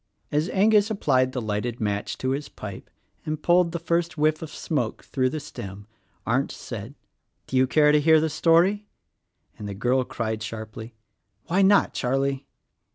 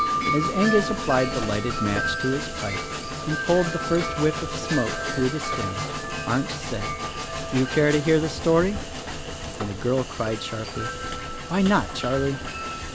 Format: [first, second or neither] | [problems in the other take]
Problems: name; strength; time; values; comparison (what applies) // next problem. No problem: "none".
first | background sound (Train + Wind chime); 4 dB below the speech